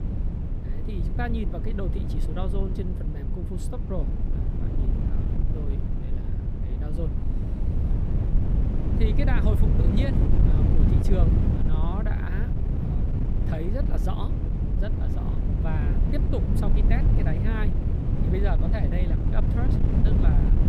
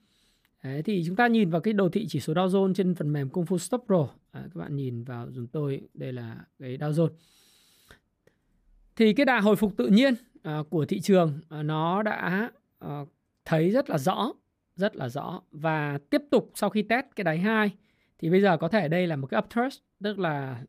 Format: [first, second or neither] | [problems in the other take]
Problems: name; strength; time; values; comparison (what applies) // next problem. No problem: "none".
second | wind noise on the microphone; heavy; as loud as the speech